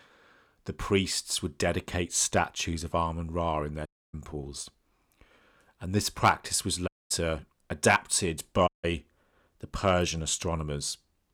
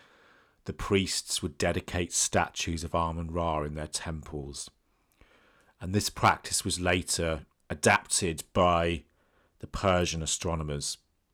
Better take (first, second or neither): second